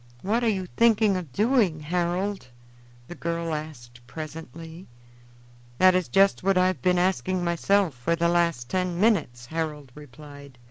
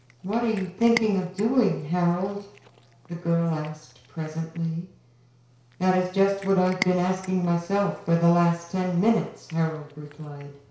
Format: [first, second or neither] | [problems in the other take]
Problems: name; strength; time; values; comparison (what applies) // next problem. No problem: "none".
first | background sound (Cat); 18 dB below the speech // room echo; dies away in 0.6 s